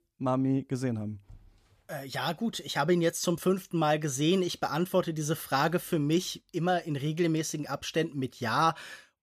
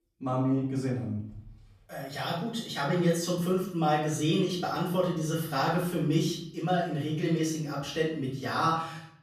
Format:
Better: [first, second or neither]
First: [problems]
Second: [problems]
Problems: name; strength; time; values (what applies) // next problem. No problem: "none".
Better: first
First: none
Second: room echo; noticeable; dies away in 0.6 s // off-mic speech; far